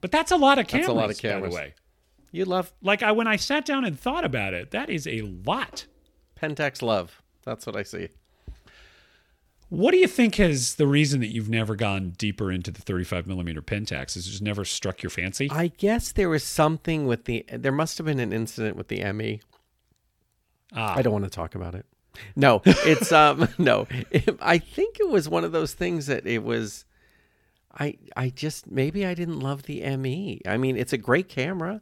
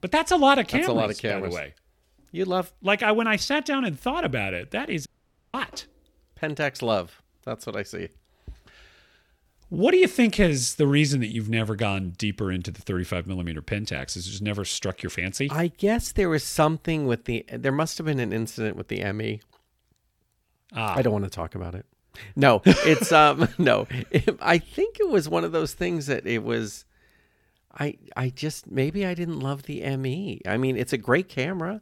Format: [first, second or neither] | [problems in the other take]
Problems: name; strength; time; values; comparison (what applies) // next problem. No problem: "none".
first | audio cutting out; at 5 s